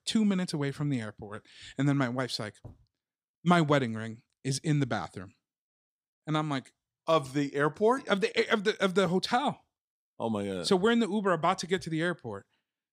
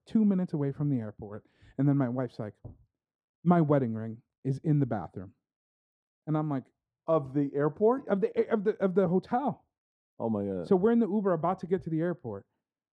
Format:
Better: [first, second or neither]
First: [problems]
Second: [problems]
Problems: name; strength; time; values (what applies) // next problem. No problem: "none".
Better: first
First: none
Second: muffled; very; fading above 1.5 kHz